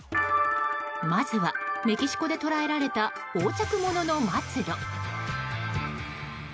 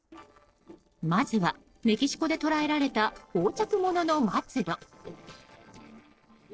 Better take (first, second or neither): first